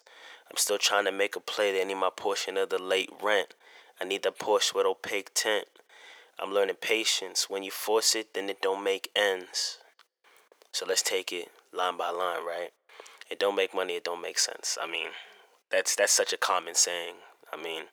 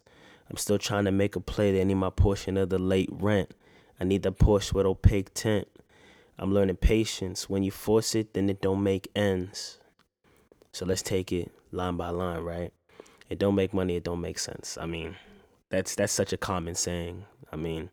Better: second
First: thin; very; fading below 600 Hz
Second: none

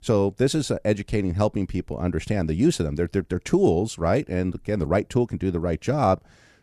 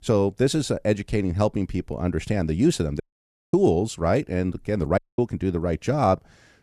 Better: first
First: none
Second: audio cutting out; at 3 s for 0.5 s and at 5 s

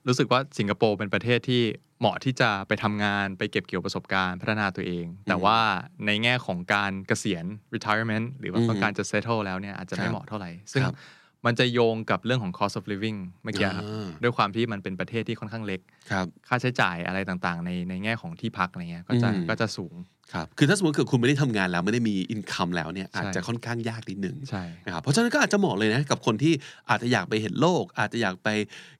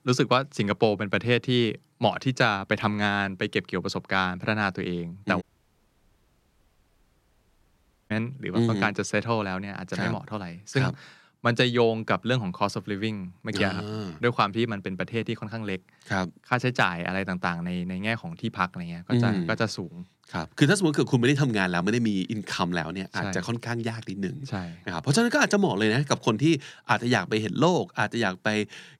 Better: first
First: none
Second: audio cutting out; at 5.5 s for 2.5 s

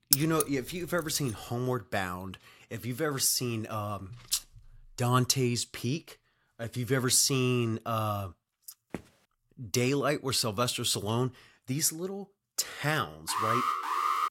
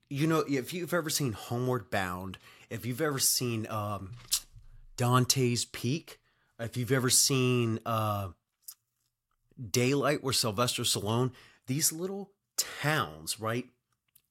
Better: second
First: jangling keys; loud; at the start; peak 4 dB above the speech // footsteps; faint; at 9 s; peak 15 dB below the speech // alarm; loud; from 13 s on; peak 1 dB above the speech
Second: none

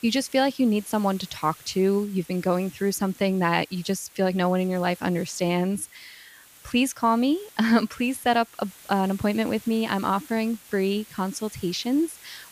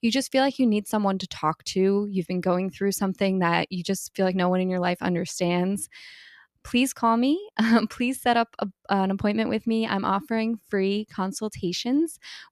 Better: second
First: hiss; faint; throughout; 20 dB below the speech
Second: none

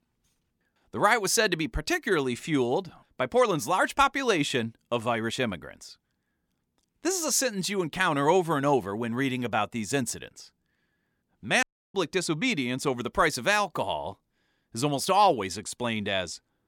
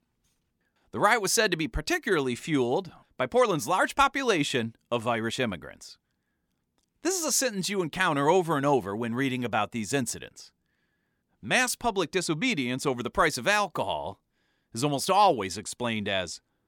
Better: second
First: audio cutting out; at 12 s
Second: none

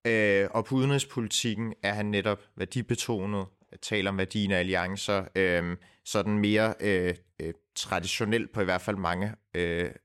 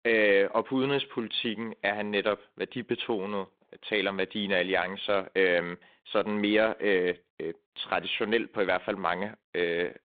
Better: first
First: none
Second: phone-call audio; nothing above 3.5 kHz

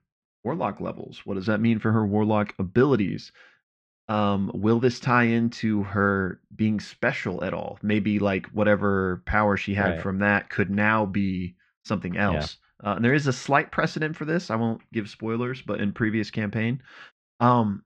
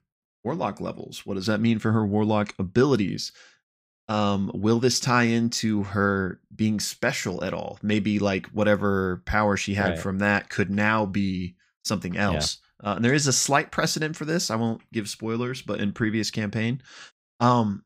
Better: second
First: muffled; slightly; fading above 2.5 kHz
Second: none

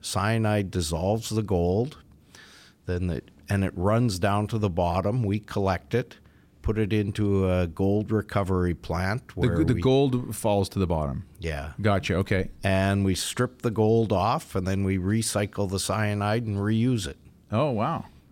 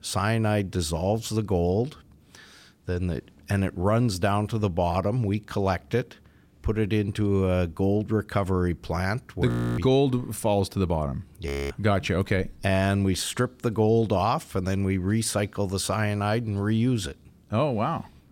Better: first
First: none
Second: audio freezing; at 9.5 s and at 11 s

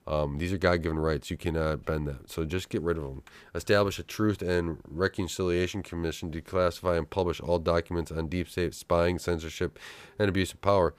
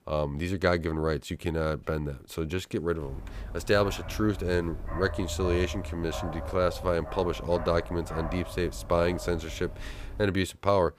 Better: first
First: none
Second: dog barking; noticeable; from 3 to 10 s; peak 4 dB below the speech

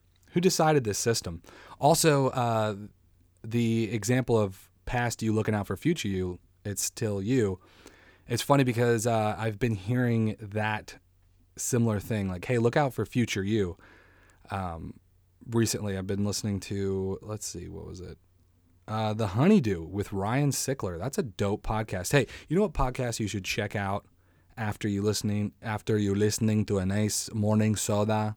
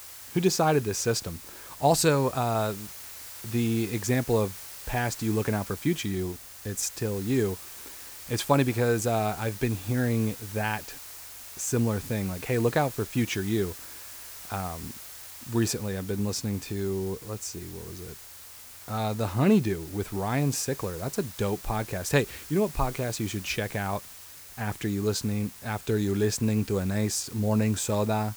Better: first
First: none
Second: hiss; noticeable; throughout; 15 dB below the speech

